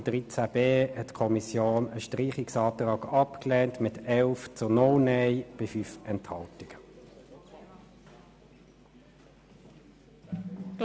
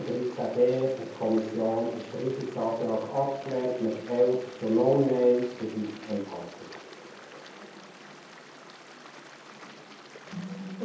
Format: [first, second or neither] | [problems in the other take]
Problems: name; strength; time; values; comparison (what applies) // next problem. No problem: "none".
first | background sound (Stream); 18 dB below the speech // room echo; dies away in 0.7 s